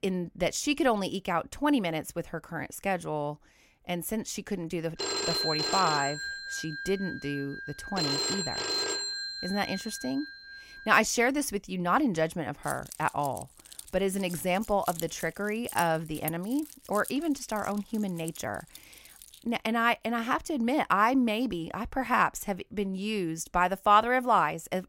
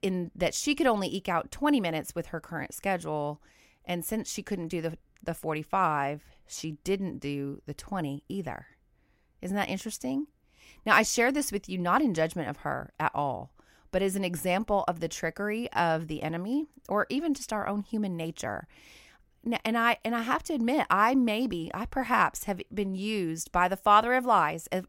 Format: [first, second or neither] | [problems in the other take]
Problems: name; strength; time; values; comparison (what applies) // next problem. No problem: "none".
second | phone ringing; loud; from 5 to 11 s; peak 2 dB above the speech // jangling keys; noticeable; from 13 to 19 s; peak 9 dB below the speech